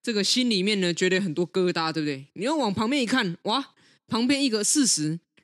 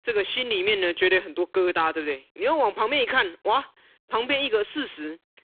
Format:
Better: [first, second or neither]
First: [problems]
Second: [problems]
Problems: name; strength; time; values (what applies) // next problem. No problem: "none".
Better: first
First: none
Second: phone-call audio; poor line